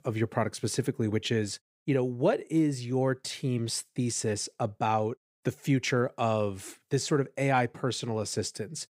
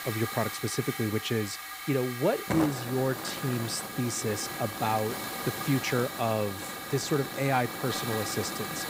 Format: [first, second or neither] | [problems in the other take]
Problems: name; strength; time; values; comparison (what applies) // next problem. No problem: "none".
first | hiss; loud; throughout; 4 dB below the speech